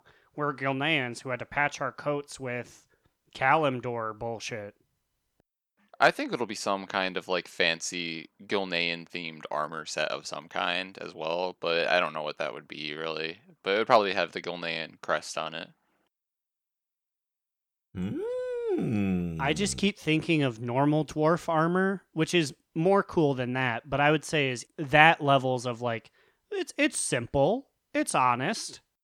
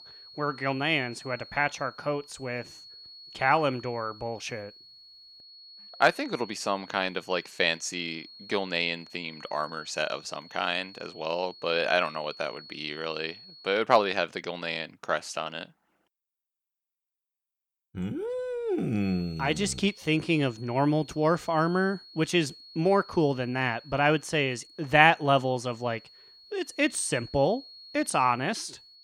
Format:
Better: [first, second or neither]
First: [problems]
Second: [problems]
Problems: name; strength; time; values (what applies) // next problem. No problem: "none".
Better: first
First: none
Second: high-pitched whine; noticeable; until 14 s and from 19 s on; 4.5 kHz, 20 dB below the speech